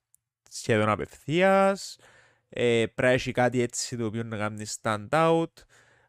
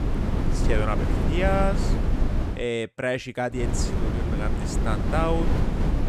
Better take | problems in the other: first | wind noise on the microphone; heavy; until 2.5 s and from 3.5 s on; 5 dB below the speech

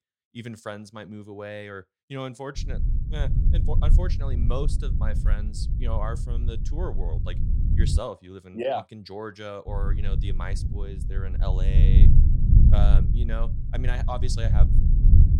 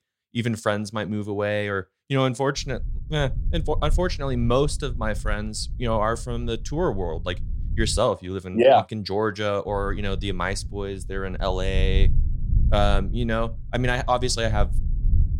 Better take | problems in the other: second | low rumble; loud; from 2.5 to 8 s and from 9.5 s on; 5 dB below the speech; faint in the second

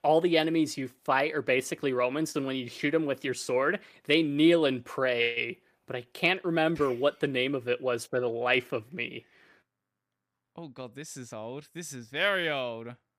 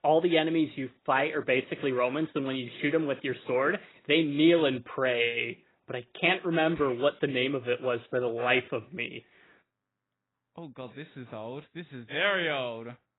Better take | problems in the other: first | garbled, watery; badly; nothing above 4 kHz

